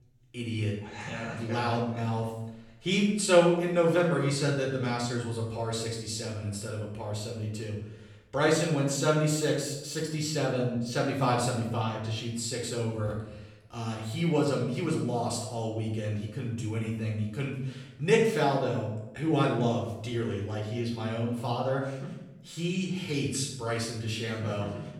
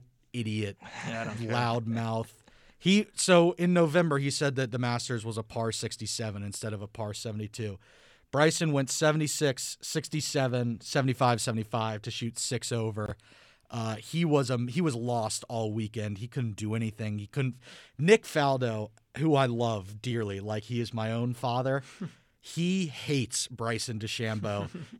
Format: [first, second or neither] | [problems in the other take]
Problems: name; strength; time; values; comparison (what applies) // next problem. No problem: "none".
second | off-mic speech; far // room echo; noticeable; dies away in 0.7 s